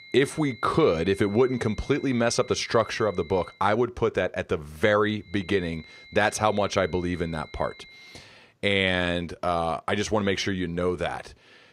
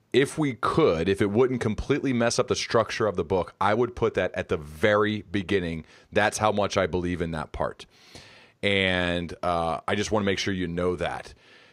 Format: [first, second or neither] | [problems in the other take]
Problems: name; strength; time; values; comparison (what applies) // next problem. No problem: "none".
second | high-pitched whine; faint; until 3.5 s and from 5.5 to 8 s; 2 kHz, 20 dB below the speech